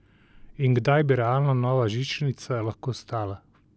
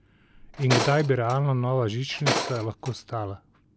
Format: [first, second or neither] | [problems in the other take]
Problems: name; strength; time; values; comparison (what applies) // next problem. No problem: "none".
first | background sound (Tools); 5 dB below the speech